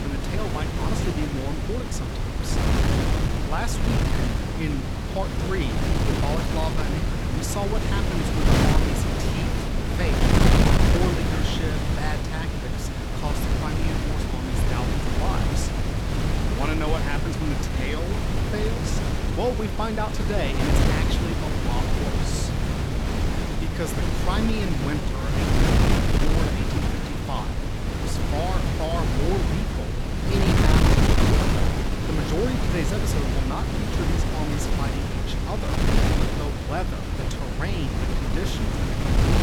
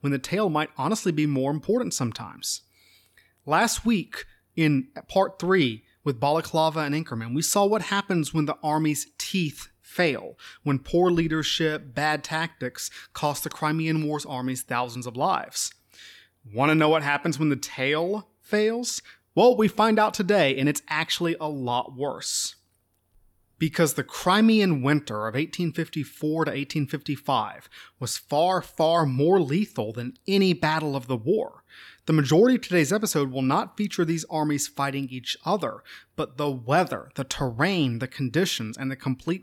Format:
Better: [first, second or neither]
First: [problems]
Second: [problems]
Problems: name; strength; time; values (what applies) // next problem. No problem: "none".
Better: second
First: wind noise on the microphone; heavy; 3 dB above the speech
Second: none